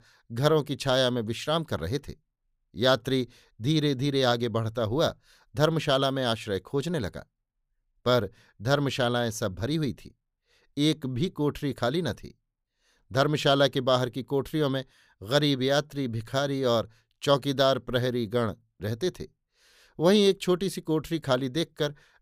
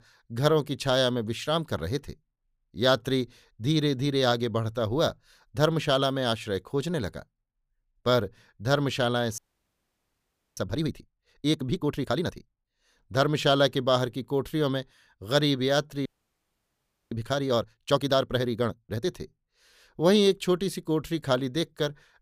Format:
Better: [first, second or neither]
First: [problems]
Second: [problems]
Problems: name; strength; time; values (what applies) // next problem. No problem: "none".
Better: first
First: none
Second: audio freezing; at 9.5 s for 1 s and at 16 s for 1 s